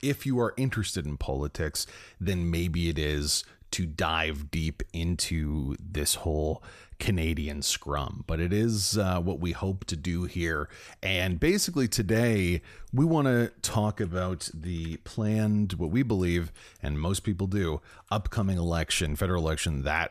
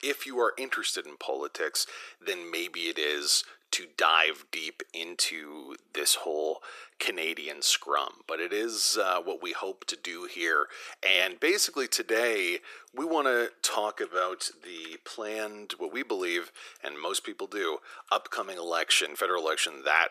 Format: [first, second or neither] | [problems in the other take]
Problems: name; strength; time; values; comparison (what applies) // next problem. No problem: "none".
first | thin; very; fading below 350 Hz